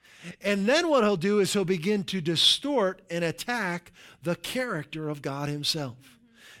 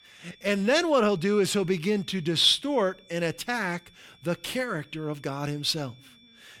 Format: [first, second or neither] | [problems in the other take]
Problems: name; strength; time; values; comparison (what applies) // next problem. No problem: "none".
first | high-pitched whine; faint; throughout; 3.5 kHz, 30 dB below the speech